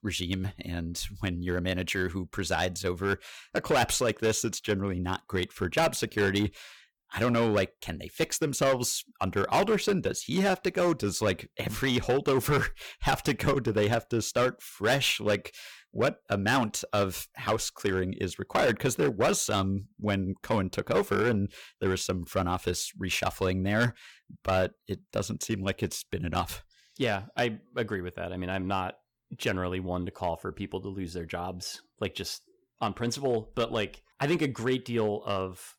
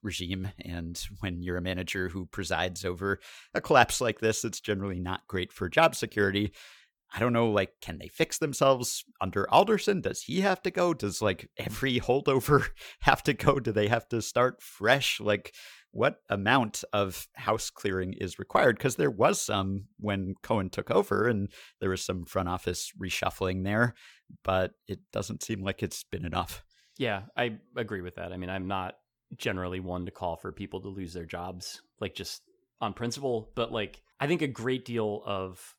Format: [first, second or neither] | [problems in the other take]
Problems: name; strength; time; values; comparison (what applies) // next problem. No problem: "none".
second | distortion; heavy; 5% of the sound clipped